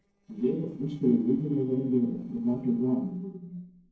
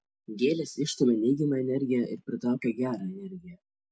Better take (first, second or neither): second